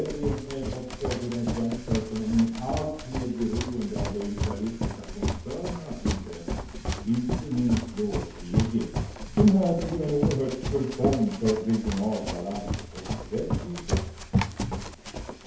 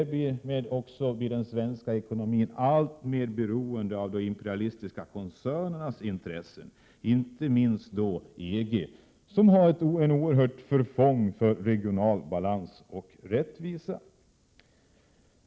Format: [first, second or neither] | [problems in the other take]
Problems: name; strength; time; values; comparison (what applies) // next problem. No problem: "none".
second | background sound (Run); 2 dB below the speech // room echo; dies away in 2.2 s